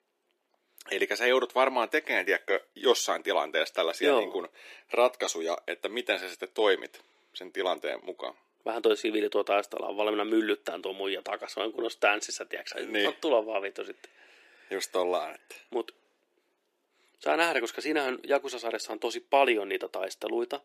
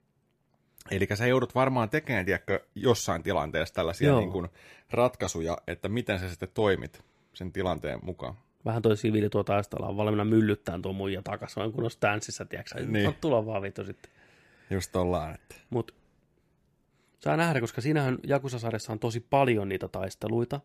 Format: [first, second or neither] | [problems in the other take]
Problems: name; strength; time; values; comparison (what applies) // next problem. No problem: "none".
second | thin; very; fading below 300 Hz